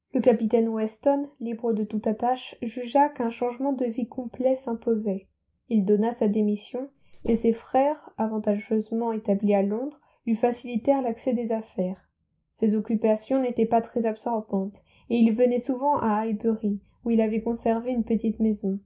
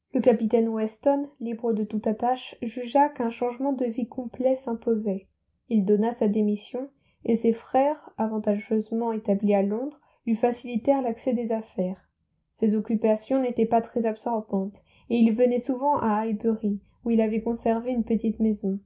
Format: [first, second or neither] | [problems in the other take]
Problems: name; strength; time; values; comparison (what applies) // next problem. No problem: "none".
second | noise reduction (neural mask model Resemble Enhance denoiser)